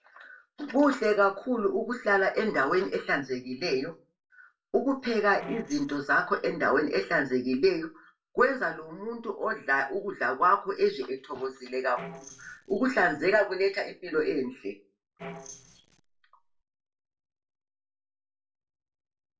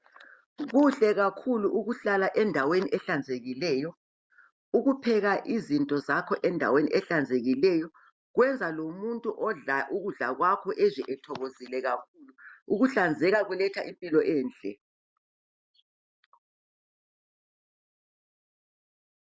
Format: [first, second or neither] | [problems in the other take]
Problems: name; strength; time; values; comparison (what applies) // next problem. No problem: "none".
second | noise reduction (neural separator model SepFormer DNS4)